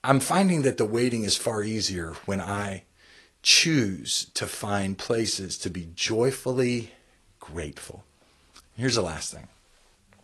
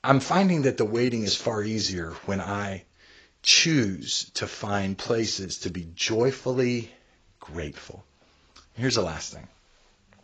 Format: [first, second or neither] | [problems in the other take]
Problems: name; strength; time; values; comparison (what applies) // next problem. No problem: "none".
first | garbled, watery; badly; slightly in the first